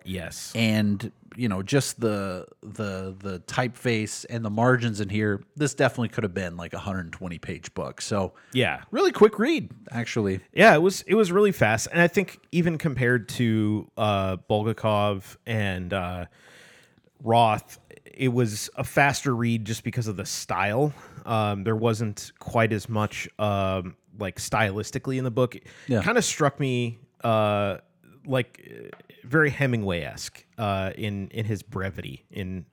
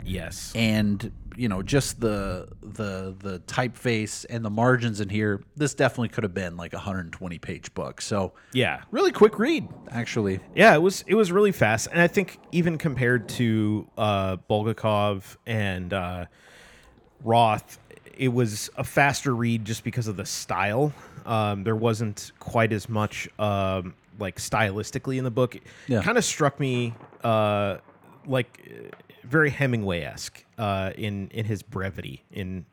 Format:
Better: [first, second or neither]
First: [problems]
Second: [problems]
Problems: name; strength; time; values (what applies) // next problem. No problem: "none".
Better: first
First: none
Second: rain or running water; faint; throughout; 25 dB below the speech